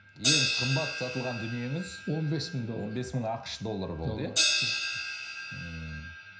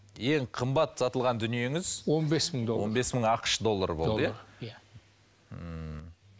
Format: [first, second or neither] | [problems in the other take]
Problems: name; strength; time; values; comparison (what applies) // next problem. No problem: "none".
second | background sound (Crash cymbal); 1 dB above the speech // room echo; dies away in 0.5 s